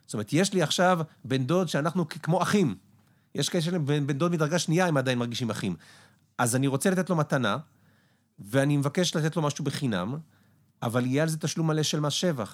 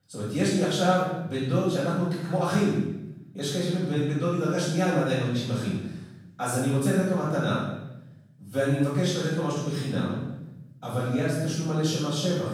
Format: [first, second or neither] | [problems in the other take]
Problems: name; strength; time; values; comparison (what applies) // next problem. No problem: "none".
first | off-mic speech; far // room echo; strong; dies away in 0.9 s